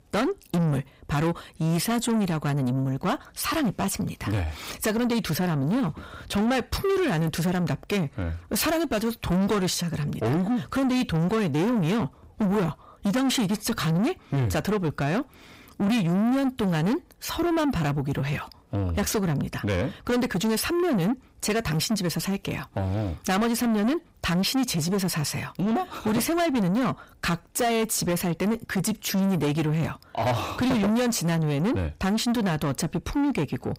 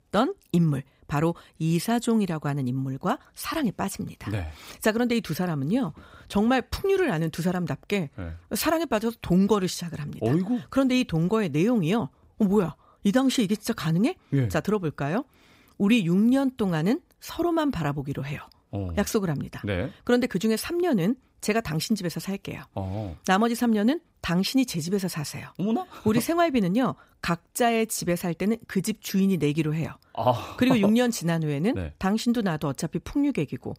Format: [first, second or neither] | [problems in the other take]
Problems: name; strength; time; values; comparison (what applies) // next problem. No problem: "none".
second | distortion; heavy; 7 dB below the speech